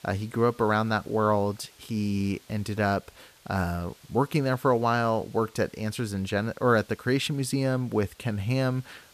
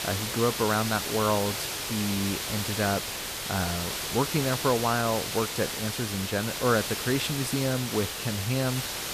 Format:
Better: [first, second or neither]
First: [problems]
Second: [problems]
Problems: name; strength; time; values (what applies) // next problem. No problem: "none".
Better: first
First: hiss; faint; throughout; 25 dB below the speech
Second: hiss; loud; throughout; 2 dB below the speech